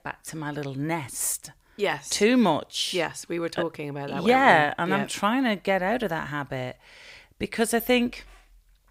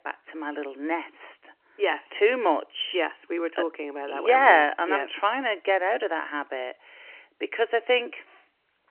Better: first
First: none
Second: phone-call audio; nothing above 3 kHz

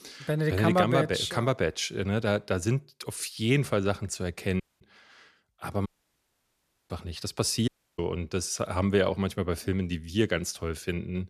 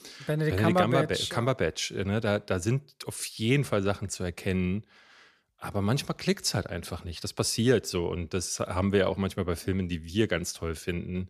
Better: second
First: audio cutting out; at 4.5 s, at 6 s for 1 s and at 7.5 s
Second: none

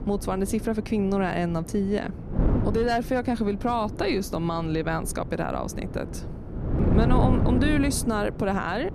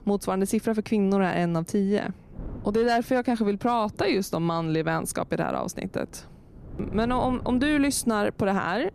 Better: second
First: wind noise on the microphone; heavy; 9 dB below the speech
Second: wind noise on the microphone; occasional gusts; 25 dB below the speech

